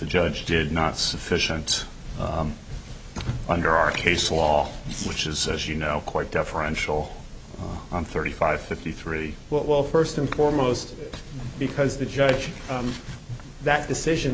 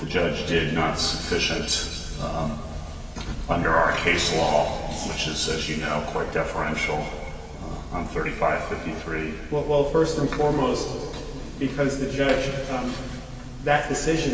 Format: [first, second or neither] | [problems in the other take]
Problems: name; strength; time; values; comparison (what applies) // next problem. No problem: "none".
first | room echo; dies away in 2.3 s